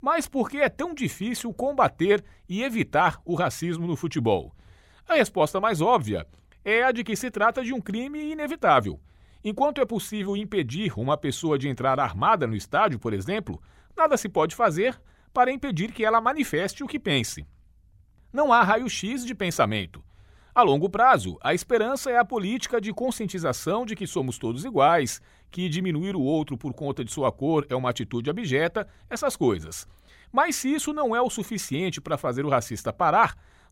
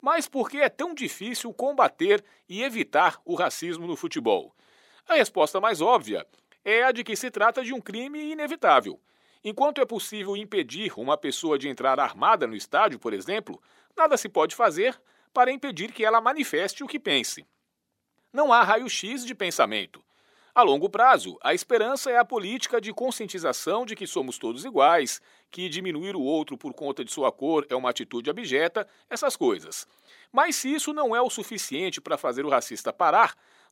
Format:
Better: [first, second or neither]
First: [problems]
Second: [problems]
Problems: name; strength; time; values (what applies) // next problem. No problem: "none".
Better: first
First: none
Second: thin; very slightly; fading below 300 Hz